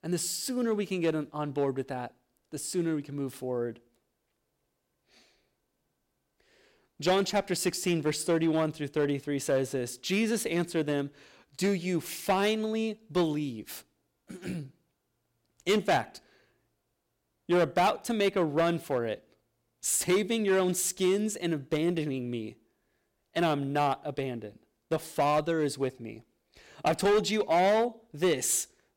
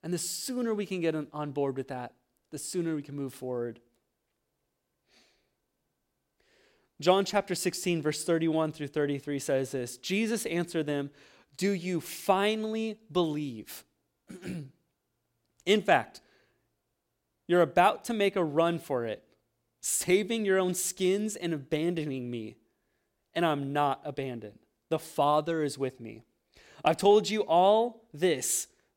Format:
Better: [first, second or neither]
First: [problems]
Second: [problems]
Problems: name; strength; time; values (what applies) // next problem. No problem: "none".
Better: second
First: distortion; slight; 4% of the sound clipped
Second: none